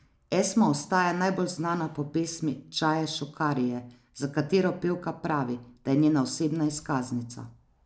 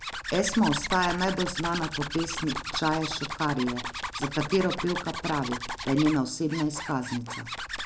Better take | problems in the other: first | background sound (Zipper (clothing)); 6 dB below the speech

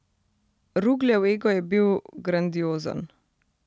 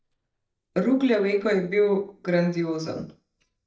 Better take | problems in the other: first | noise reduction (neural mask model DeepFilterNet 3)

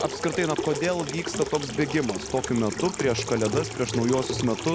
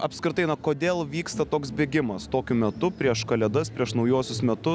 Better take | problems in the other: second | background sound (Sink (filling or washing) / Water tap, faucet); 6 dB below the speech

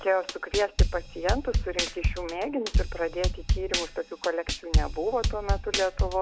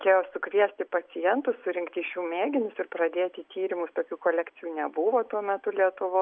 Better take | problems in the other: second | background sound (Drum kit); 2 dB above the speech

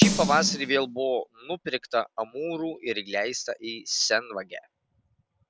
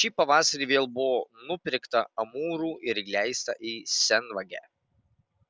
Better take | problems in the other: second | background sound (Snare drum); 1 dB above the speech

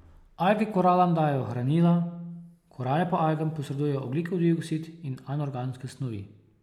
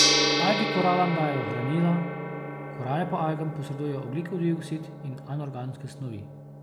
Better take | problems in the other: first | background sound (Gong); 1 dB below the speech

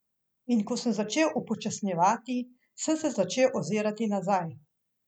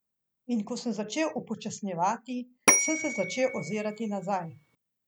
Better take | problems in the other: first | background sound (Bell / Telephone); 2 dB above the speech

